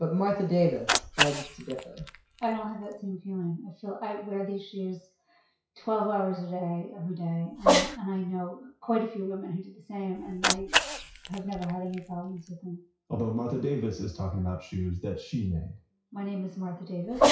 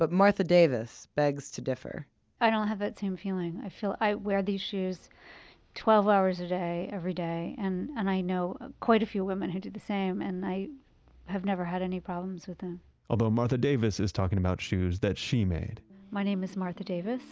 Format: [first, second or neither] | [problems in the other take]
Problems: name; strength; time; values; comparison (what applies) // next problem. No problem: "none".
second | noise reduction (classical method WPE with log-MMSE)